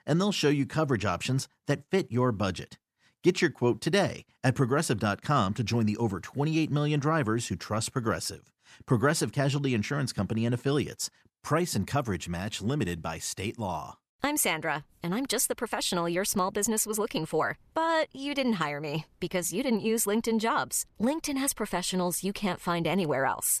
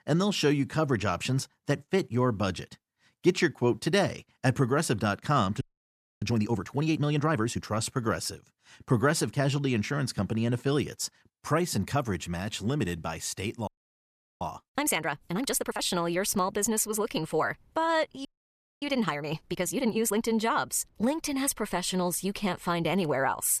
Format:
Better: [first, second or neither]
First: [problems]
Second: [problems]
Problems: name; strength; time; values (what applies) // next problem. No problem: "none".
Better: first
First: none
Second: audio freezing; at 5.5 s for 0.5 s, at 14 s for 0.5 s and at 18 s for 0.5 s